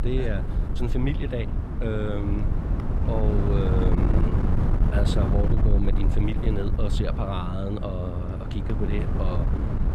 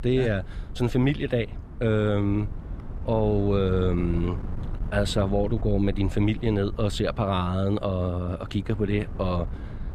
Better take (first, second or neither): second